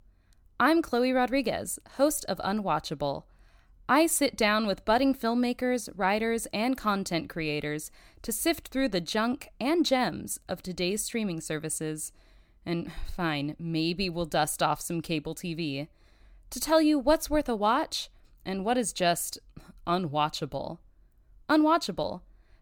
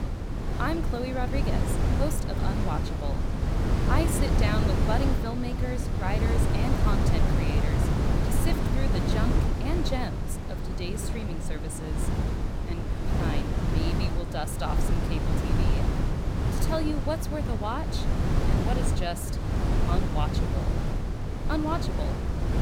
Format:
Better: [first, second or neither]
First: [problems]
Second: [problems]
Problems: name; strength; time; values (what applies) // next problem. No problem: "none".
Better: first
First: none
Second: wind noise on the microphone; heavy; as loud as the speech